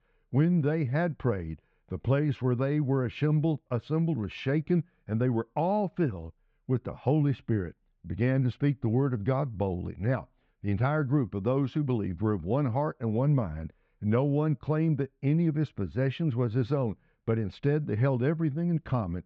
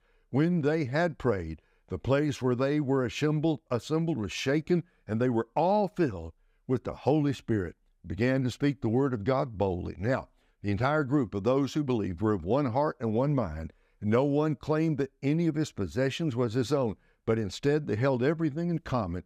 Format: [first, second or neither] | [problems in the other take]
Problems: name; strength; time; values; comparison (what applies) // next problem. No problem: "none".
second | muffled; slightly; fading above 3 kHz